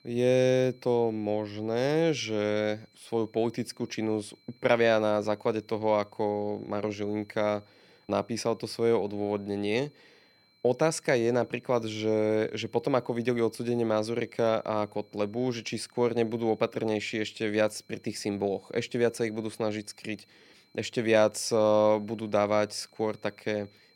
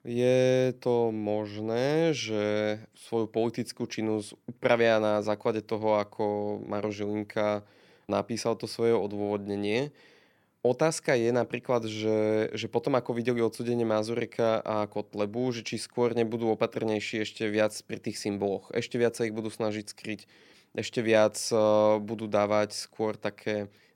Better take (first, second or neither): second